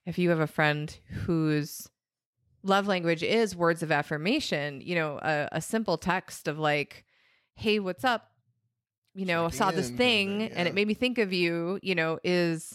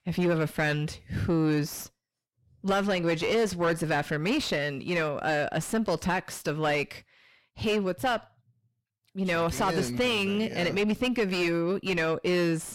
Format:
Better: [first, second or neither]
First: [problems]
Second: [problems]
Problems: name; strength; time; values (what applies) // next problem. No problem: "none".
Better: first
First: none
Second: distortion; heavy; 6 dB below the speech